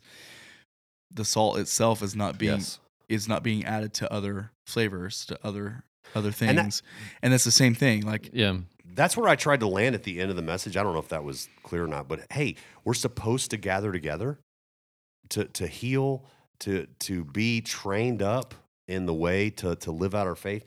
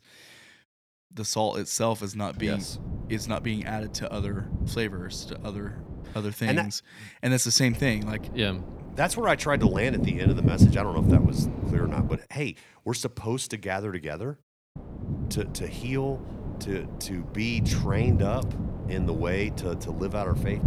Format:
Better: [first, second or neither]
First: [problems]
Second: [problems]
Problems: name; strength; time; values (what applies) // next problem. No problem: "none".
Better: first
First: none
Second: wind noise on the microphone; heavy; from 2.5 to 6 s, from 7.5 to 12 s and from 15 s on; 7 dB below the speech